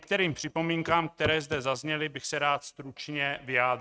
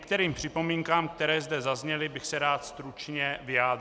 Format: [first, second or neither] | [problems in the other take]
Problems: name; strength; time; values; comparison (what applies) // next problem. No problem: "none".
second | noise reduction (neural mask model RNNoise)